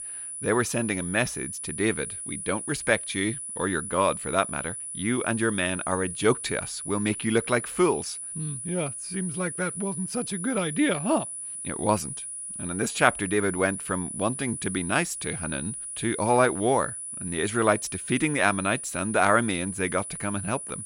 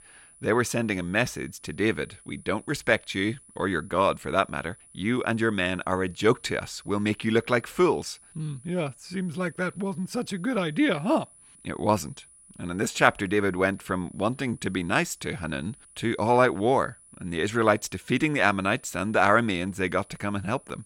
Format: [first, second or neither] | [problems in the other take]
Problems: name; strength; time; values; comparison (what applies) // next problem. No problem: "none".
second | high-pitched whine; loud; throughout; 10 kHz, 6 dB below the speech; faint in the second